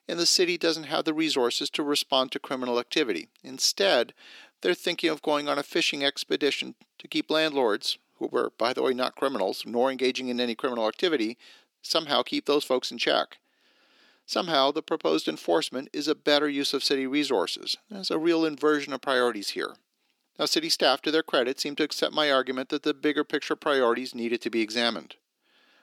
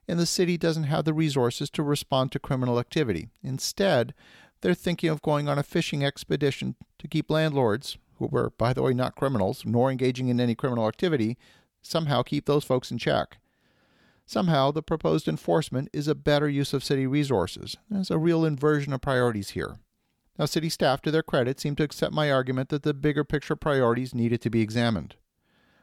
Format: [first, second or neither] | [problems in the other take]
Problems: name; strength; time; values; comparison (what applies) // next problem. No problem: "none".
second | thin; somewhat; fading below 300 Hz